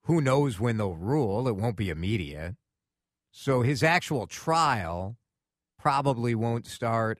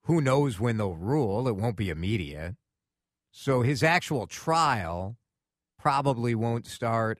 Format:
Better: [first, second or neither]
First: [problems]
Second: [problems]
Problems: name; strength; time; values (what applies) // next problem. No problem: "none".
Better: neither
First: none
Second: none